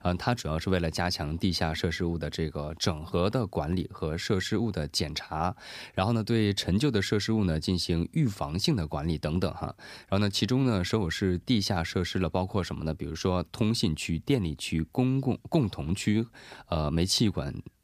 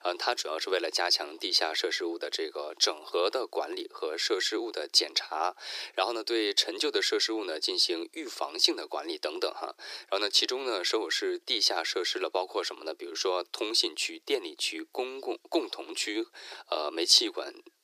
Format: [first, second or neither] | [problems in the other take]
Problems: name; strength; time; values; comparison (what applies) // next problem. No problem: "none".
first | thin; very; fading below 350 Hz